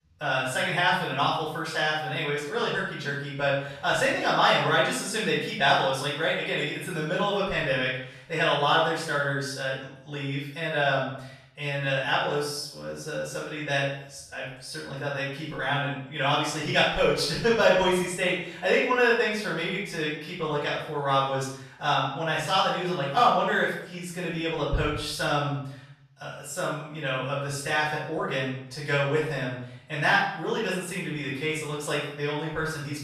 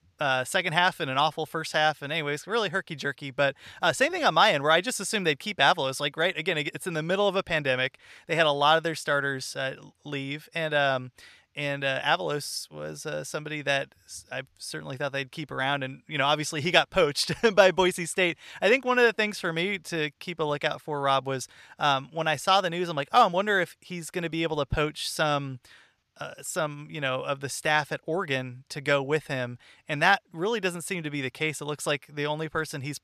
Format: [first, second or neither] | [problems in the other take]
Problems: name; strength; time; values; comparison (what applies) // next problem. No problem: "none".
second | off-mic speech; far // room echo; noticeable; dies away in 0.6 s